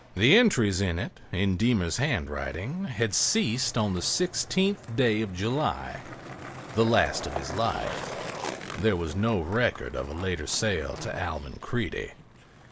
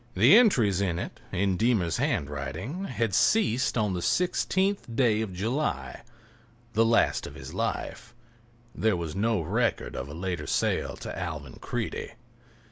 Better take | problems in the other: second | background sound (Skateboard); 14 dB below the speech

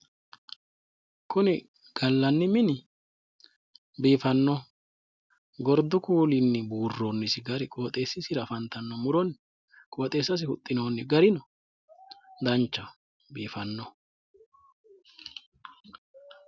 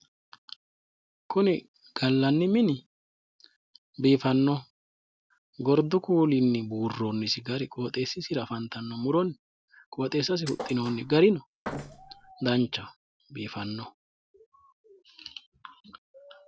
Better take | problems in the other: first | background sound (Thump, thud); 12 dB below the speech

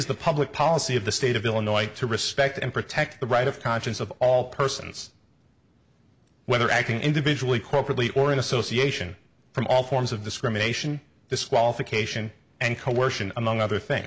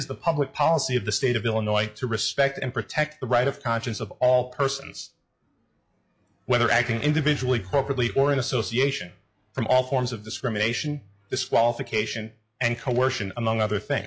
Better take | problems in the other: first | noise reduction (classical method log-MMSE)

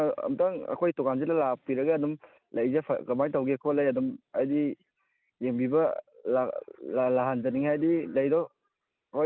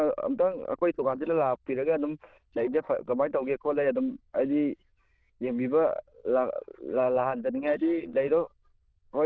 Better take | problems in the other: first | noise reduction (neural diffusion model UNIVERSE++)

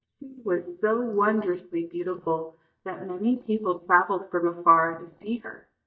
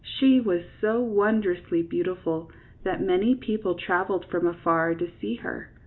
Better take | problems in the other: second | noise reduction (neural mask model DeepFilterNet 3)

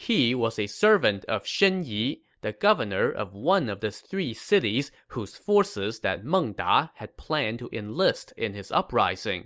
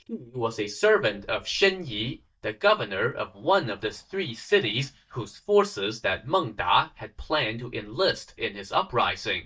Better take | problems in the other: first | noise reduction (neural mask model DeepFilterNet 3)

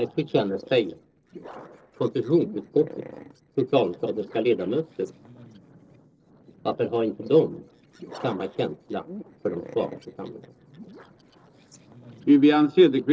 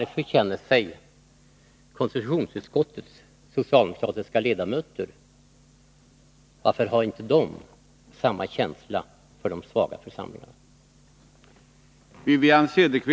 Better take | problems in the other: second | noise reduction (neural separator model SepFormer DNS4)

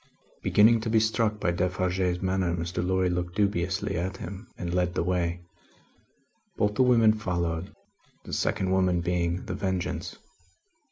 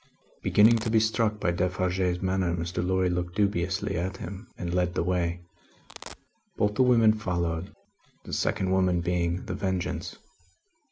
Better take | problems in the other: first | background sound (Domestic sounds, home sounds); 16 dB below the speech

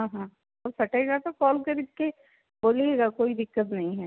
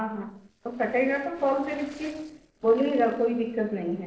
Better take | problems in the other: first | noise reduction (neural separator model SepFormer DNS4)

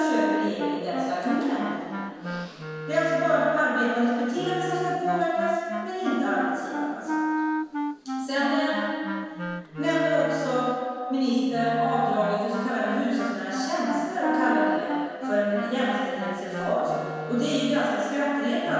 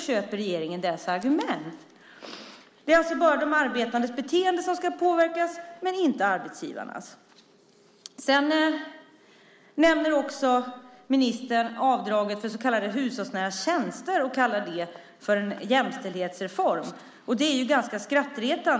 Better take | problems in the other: second | background sound (Wind instrument, woodwind instrument); 6 dB below the speech // room echo; dies away in 1.9 s

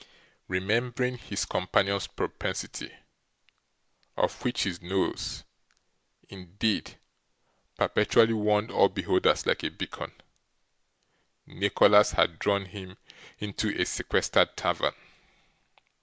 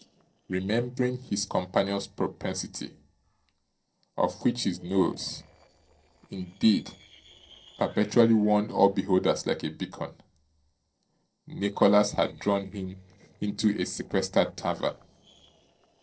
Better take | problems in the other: first | noise reduction (neural separator model SepFormer DNS4)

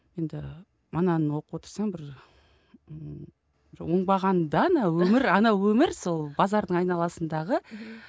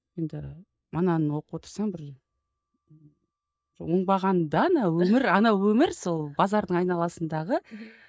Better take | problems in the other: first | noise reduction (neural mask model DeepFilterNet 3)

